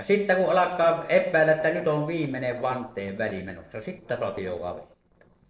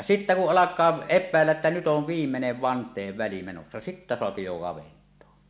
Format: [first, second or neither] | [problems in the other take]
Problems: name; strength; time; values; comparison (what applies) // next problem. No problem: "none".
second | noise reduction (neural separator model SepFormer DNS4)